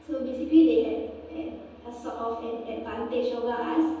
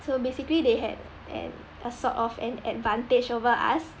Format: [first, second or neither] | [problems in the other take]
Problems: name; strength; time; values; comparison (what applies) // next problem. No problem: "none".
second | room echo; dies away in 1.1 s